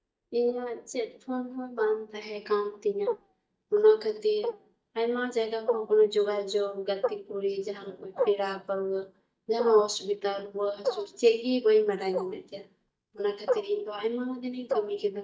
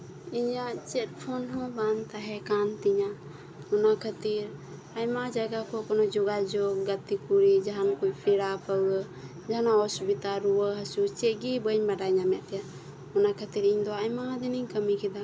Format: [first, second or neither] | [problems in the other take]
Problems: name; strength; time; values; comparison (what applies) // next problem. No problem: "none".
second | noise reduction (neural mask model DeepFilterNet 3)